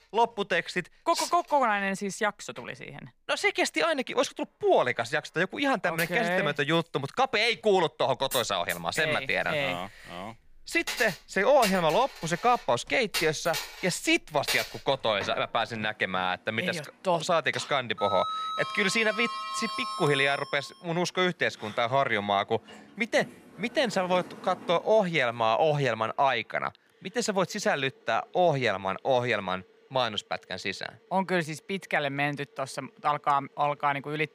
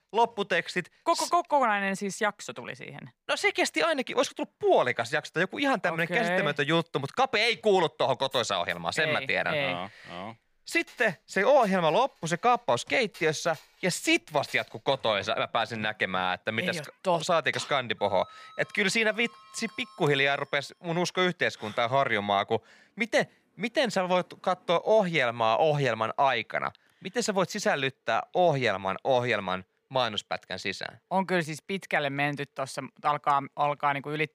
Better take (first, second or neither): second